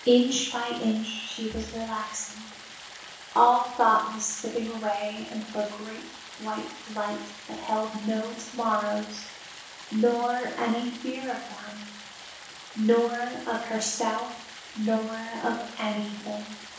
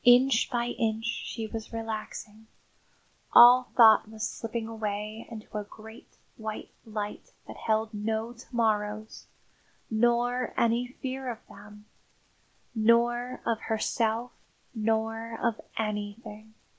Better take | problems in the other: second | background sound (Stream); 15 dB below the speech // room echo; dies away in 0.6 s

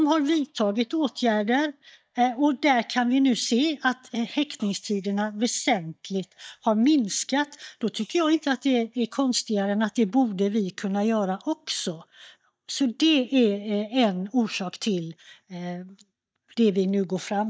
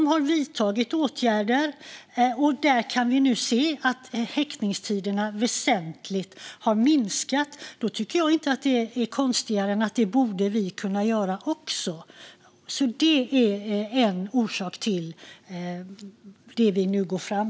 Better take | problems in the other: second | noise reduction (neural mask model DeepFilterNet 3)

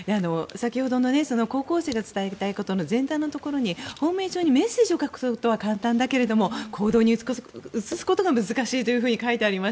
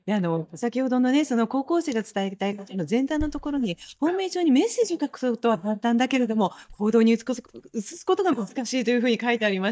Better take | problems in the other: first | noise reduction (neural mask model DeepFilterNet 3)

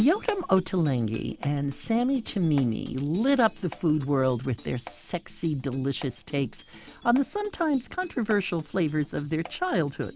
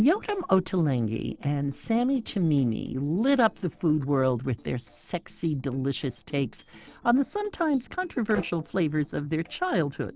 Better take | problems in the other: first | noise reduction (neural separator model SepFormer DNS4)

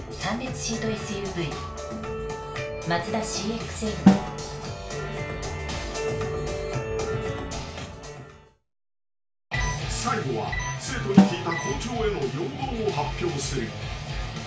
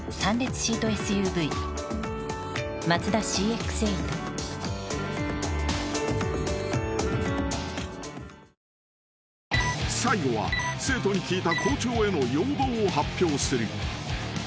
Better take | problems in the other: second | background sound (Snare drum); 2 dB above the speech // room echo; dies away in 0.3 s

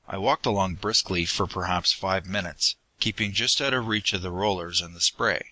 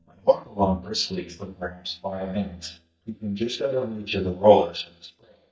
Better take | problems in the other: first | noise reduction (neural mask model DeepFilterNet 3)

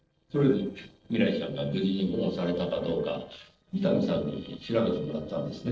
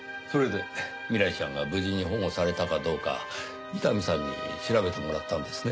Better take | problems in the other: second | noise reduction (neural separator model SepFormer DNS4)

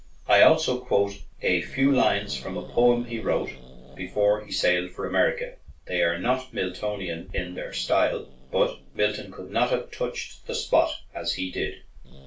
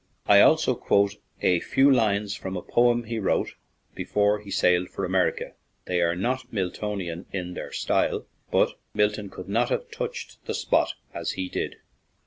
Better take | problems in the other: second | background sound (Growling); 16 dB below the speech // room echo; dies away in 0.2 s

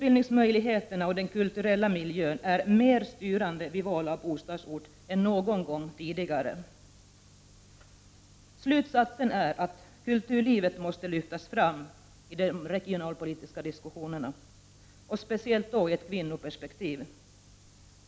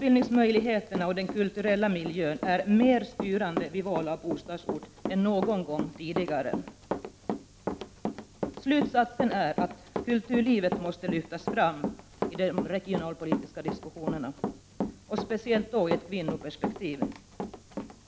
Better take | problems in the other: first | background sound (Run); 7 dB below the speech

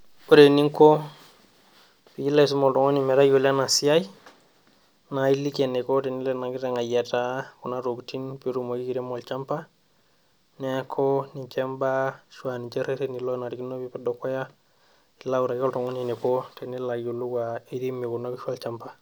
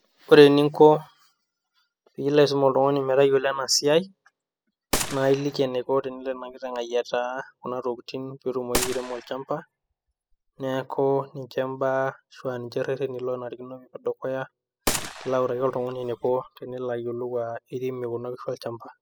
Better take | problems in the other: first | noise reduction (classical method spectral subtraction)

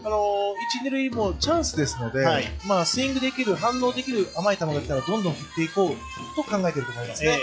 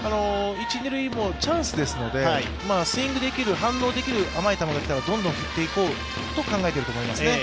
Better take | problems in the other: second | noise reduction (classical method log-MMSE)

